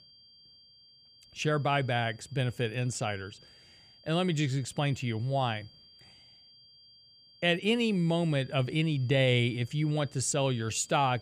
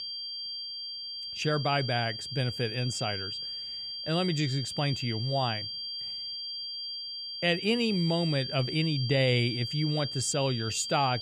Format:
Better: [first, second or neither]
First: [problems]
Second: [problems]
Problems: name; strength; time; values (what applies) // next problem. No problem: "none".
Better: first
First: high-pitched whine; faint; throughout; 4.5 kHz, 25 dB below the speech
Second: high-pitched whine; loud; throughout; 4.5 kHz, 5 dB below the speech